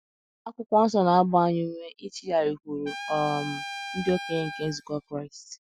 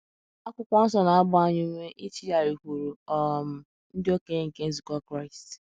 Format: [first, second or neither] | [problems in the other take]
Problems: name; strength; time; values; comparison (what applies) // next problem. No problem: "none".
second | noise reduction (classical method Wiener filter)